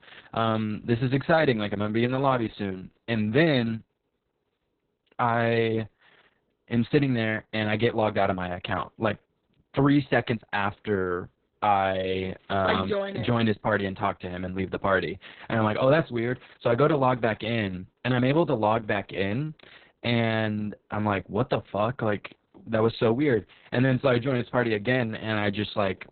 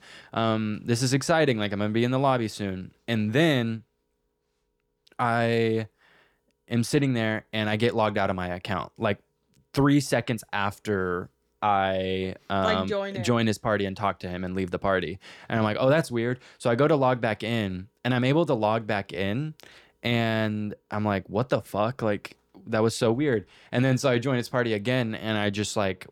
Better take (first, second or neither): second